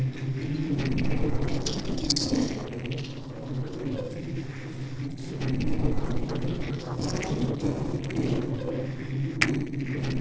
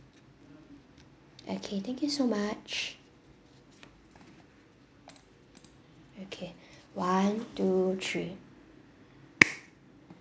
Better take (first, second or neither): second